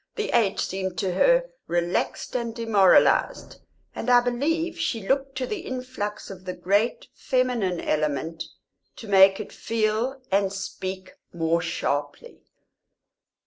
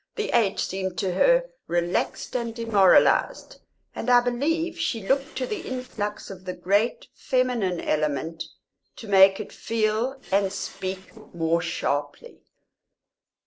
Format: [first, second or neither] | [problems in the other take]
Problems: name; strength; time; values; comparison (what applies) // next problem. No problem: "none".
first | noise reduction (neural separator model SepFormer DNS4)